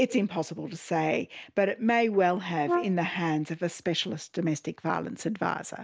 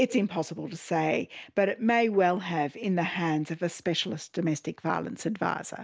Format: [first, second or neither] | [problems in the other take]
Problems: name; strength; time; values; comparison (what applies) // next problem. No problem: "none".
second | background sound (Brass instrument); 5 dB below the speech